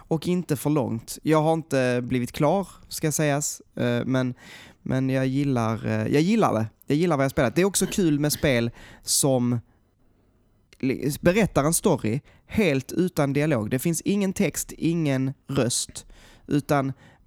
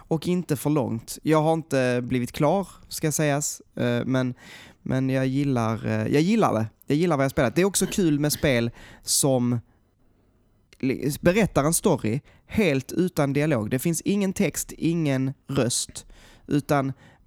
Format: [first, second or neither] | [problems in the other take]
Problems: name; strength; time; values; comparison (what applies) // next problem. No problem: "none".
neither | none